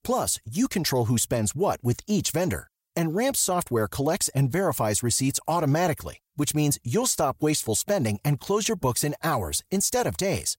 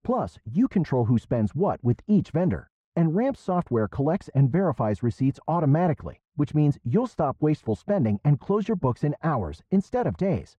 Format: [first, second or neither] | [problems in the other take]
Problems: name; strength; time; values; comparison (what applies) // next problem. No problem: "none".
first | muffled; very; fading above 1.5 kHz